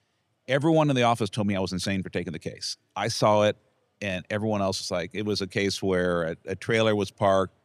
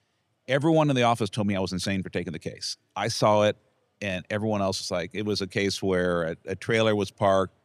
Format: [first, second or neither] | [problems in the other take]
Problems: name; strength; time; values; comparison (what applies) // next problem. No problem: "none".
neither | none